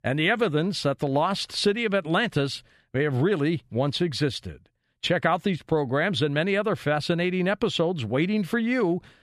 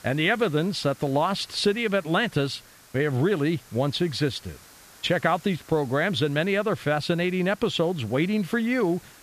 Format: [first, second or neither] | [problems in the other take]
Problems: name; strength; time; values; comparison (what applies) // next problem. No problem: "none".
first | hiss; faint; throughout; 25 dB below the speech